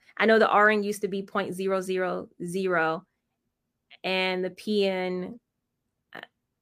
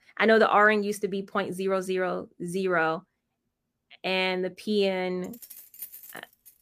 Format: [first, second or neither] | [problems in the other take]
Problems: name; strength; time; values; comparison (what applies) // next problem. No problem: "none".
first | jangling keys; faint; from 5 s on; peak 15 dB below the speech